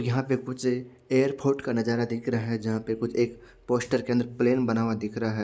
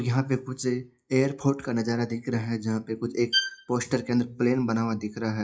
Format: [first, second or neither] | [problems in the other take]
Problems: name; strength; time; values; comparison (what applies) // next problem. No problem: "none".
first | noise reduction (classical method WPE with log-MMSE)